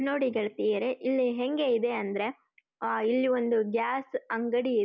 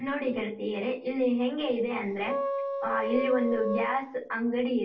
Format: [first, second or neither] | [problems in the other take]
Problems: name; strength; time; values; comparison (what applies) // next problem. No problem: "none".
first | background sound (Wind instrument, woodwind instrument); 4 dB below the speech // room echo; dies away in 0.3 s